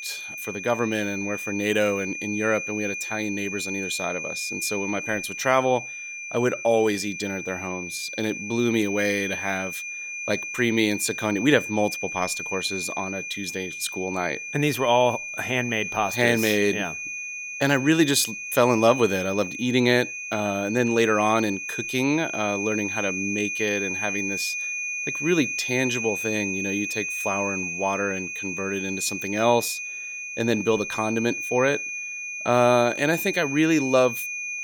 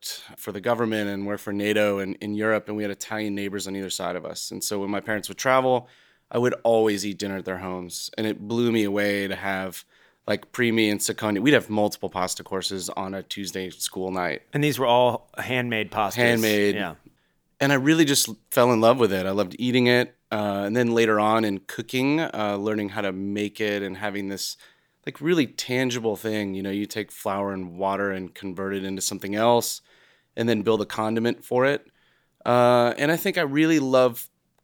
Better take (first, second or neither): second